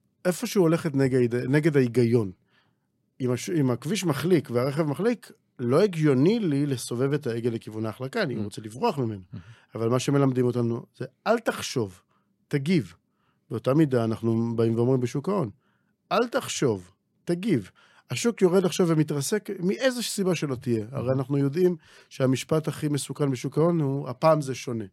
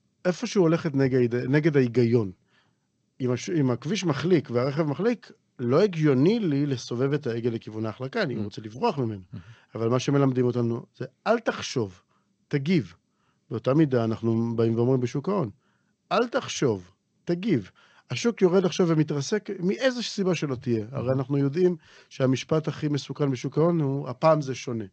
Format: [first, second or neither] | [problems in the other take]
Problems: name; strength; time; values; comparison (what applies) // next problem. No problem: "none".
first | garbled, watery; slightly